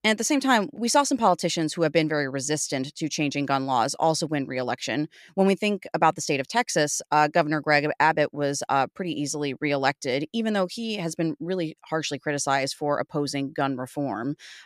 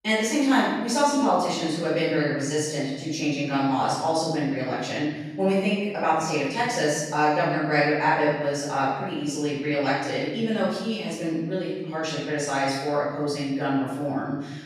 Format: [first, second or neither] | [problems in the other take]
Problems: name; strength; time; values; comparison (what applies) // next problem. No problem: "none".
first | room echo; strong; dies away in 1.2 s // off-mic speech; far